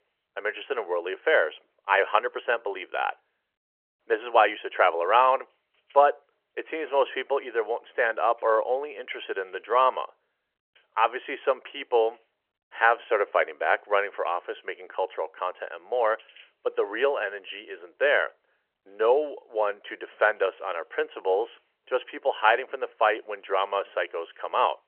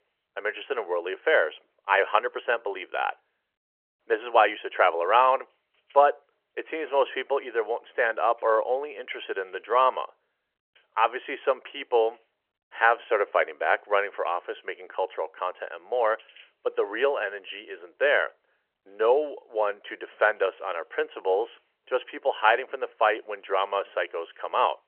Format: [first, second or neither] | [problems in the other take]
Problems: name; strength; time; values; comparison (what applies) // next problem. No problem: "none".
neither | phone-call audio; the same in both